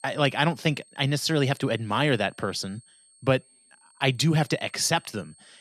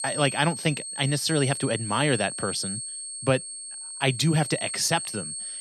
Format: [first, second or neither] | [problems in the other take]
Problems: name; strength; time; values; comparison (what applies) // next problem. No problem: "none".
first | high-pitched whine; loud; throughout; 8.5 kHz, 6 dB below the speech; faint in the first